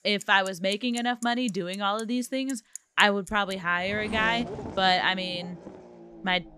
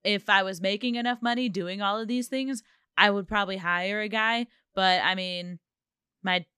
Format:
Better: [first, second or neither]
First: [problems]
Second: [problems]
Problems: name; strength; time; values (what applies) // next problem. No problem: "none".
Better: second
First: traffic noise; noticeable; throughout; 15 dB below the speech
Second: none